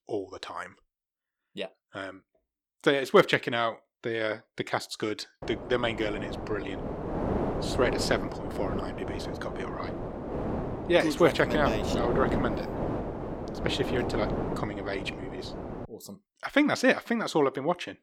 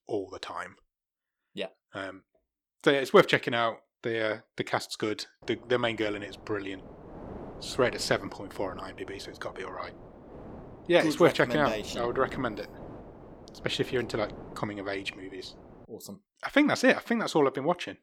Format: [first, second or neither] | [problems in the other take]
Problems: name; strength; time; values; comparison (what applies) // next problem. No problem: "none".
second | wind noise on the microphone; heavy; from 5.5 to 16 s; 6 dB below the speech; occasional gusts in the second